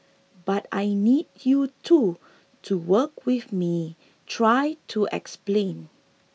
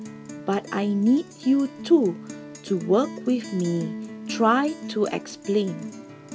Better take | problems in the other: first | background sound (Guitar); 13 dB below the speech

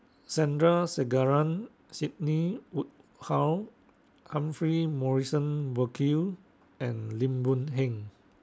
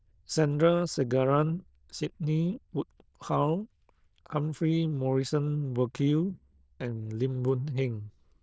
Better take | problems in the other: first | noise reduction (neural diffusion model UNIVERSE++)

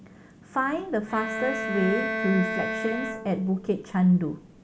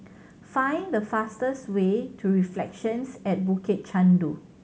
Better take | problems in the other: second | background sound (Bowed string instrument); 5 dB below the speech

